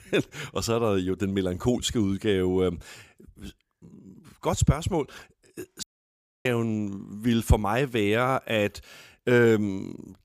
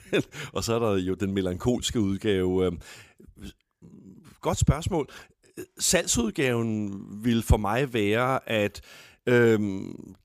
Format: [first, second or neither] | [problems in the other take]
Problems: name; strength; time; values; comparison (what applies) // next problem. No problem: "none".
second | audio cutting out; at 6 s for 0.5 s